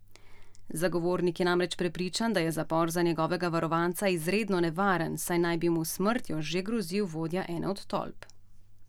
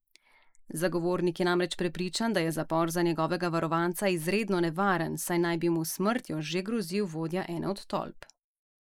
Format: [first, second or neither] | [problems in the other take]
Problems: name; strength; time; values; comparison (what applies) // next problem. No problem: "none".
first | noise reduction (neural mask model Resemble Enhance denoiser)